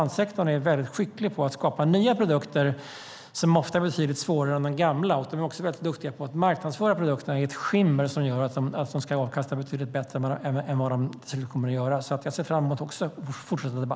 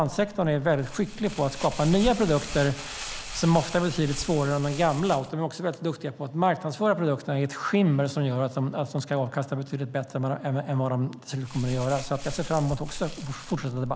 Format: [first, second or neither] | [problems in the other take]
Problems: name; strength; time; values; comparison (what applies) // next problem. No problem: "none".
first | background sound (Crumpling, crinkling); 14 dB below the speech